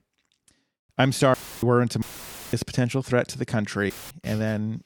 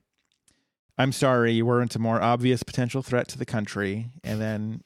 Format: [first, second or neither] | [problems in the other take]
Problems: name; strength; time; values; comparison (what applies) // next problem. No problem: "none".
second | audio cutting out; filled with static; at 1.5 s, at 2 s for 0.5 s and at 4 s